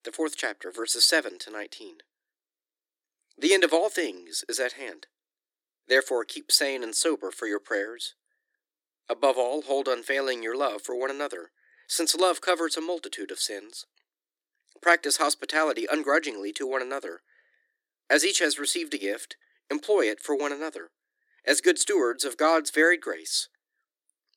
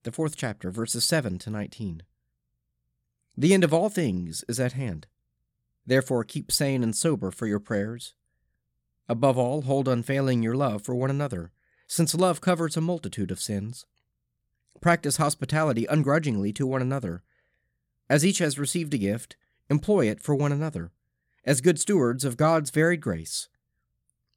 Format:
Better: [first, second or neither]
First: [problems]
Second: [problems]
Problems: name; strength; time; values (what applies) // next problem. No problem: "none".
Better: second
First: thin; very; fading below 300 Hz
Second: none